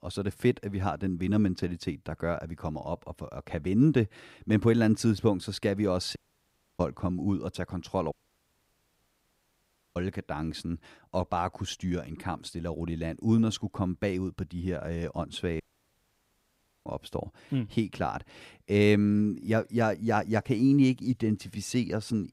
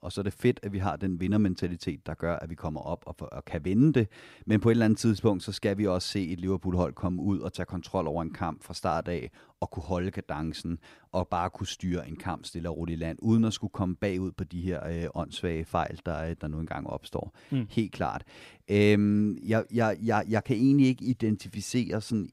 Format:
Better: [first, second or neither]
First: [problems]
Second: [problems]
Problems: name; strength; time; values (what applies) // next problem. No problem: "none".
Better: second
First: audio cutting out; at 6 s for 0.5 s, at 8 s for 2 s and at 16 s for 1.5 s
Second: none